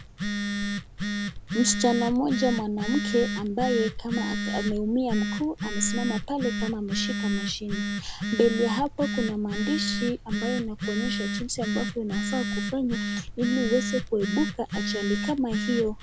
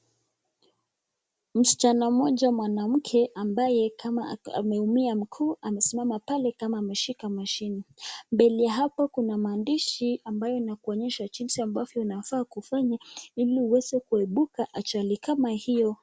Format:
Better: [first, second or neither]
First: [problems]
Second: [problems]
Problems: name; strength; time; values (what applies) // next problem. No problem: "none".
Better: second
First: background sound (Telephone); 2 dB below the speech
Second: none